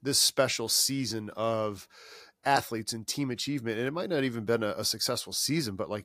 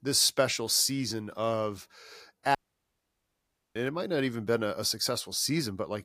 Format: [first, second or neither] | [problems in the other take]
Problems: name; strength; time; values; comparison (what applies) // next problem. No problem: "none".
first | audio cutting out; at 2.5 s for 1 s